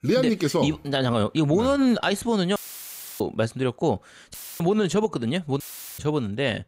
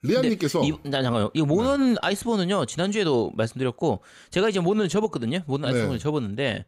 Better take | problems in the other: second | audio cutting out; filled with static; at 2.5 s for 0.5 s, at 4.5 s and at 5.5 s

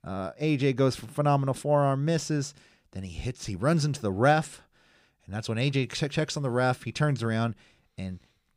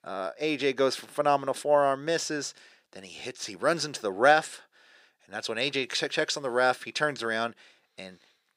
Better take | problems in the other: first | thin; somewhat; fading below 450 Hz

